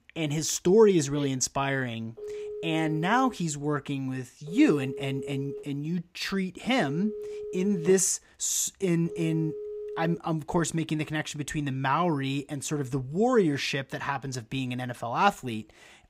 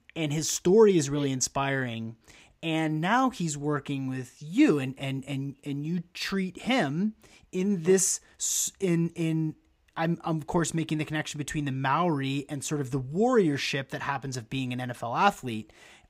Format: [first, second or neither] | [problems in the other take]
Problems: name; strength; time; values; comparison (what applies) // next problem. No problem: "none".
second | phone ringing; noticeable; from 2 to 10 s; peak 9 dB below the speech